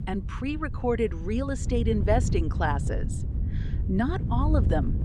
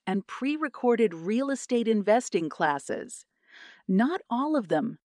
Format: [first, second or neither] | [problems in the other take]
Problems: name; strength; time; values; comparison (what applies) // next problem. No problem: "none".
second | wind noise on the microphone; occasional gusts; 15 dB below the speech